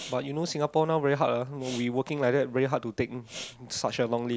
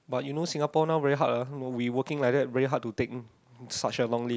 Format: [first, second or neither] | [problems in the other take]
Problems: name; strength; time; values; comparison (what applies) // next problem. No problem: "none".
second | background sound (Respiratory sounds); 20 dB below the speech